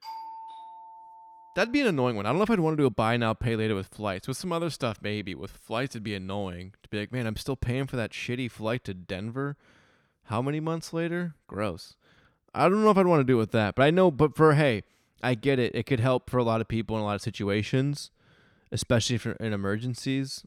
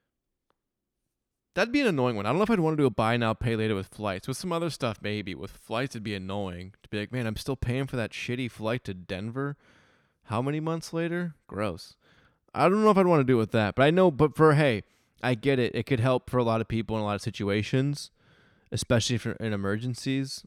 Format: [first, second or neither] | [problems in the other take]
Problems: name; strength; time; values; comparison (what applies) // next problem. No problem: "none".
second | doorbell; faint; until 1.5 s; peak 15 dB below the speech